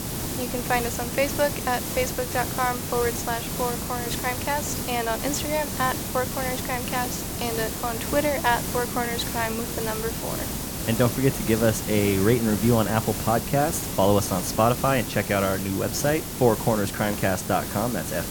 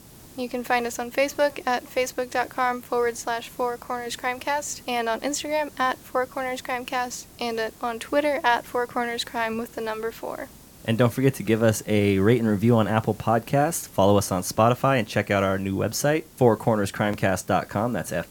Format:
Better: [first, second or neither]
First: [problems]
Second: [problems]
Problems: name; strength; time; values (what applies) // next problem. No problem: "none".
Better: second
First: hiss; loud; throughout; 4 dB below the speech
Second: hiss; faint; throughout; 25 dB below the speech